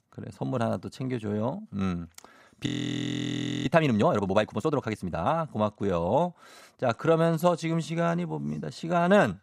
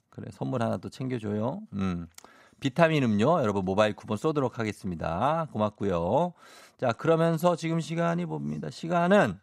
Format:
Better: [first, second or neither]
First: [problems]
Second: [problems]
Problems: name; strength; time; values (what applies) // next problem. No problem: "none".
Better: second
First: audio freezing; at 2.5 s for 1 s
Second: none